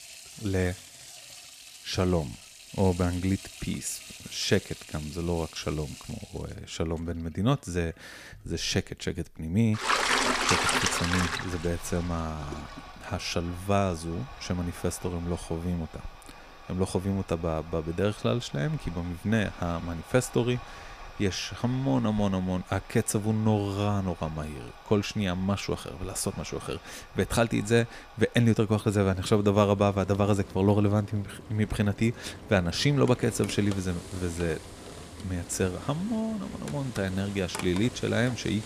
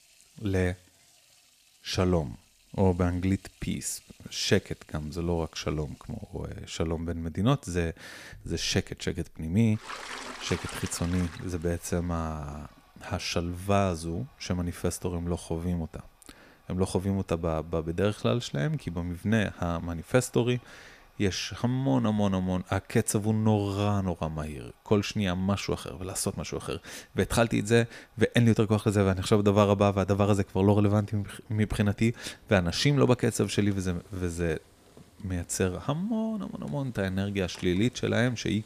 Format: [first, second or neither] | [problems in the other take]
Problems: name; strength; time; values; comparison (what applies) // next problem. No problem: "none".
second | household noises; loud; throughout; 7 dB below the speech; faint in the second